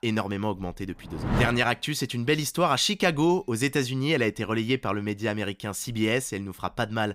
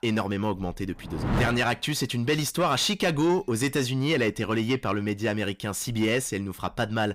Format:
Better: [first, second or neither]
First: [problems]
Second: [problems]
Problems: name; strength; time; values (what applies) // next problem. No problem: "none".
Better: first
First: none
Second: distortion; slight; 10 dB below the speech